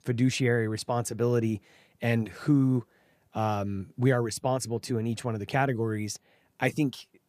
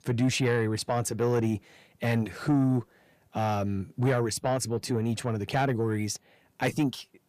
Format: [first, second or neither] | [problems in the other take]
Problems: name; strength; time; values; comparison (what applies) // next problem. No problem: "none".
first | distortion; slight; 10 dB below the speech